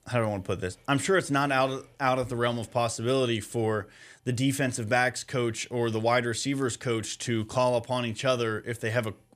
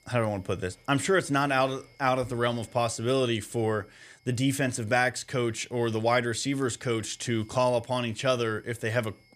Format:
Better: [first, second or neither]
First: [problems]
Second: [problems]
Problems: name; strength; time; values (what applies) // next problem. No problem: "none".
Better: first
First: none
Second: high-pitched whine; faint; throughout; 2 kHz, 35 dB below the speech